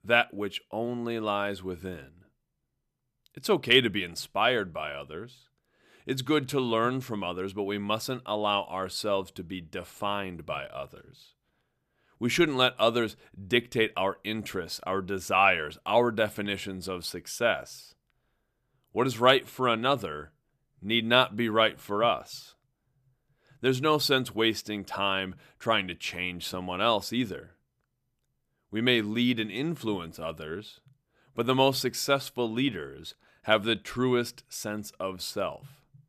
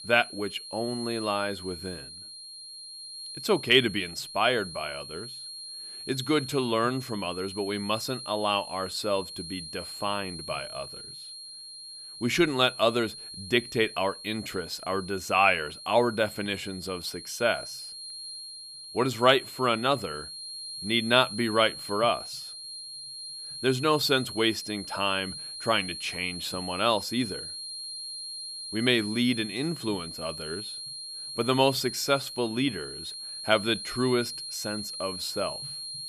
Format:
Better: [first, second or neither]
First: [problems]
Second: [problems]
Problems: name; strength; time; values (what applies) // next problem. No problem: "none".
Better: first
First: none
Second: high-pitched whine; loud; throughout; 4 kHz, 10 dB below the speech